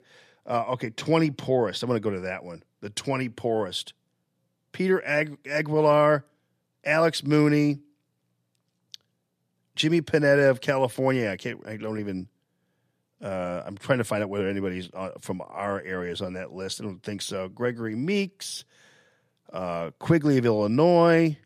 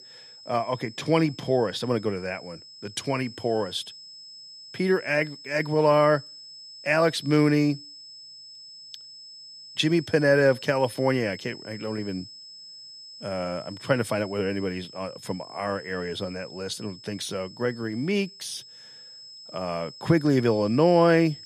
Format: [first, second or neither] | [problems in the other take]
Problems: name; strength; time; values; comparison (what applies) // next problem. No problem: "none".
first | high-pitched whine; noticeable; throughout; 5 kHz, 15 dB below the speech